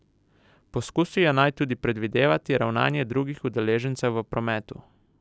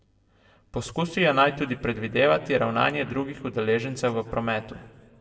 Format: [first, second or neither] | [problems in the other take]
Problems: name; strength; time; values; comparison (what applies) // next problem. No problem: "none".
first | room echo; dies away in 1.3 s